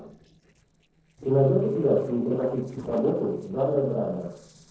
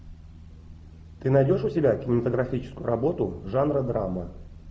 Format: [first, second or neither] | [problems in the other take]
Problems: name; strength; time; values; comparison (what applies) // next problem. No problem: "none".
second | noise reduction (neural separator model SepFormer DNS4)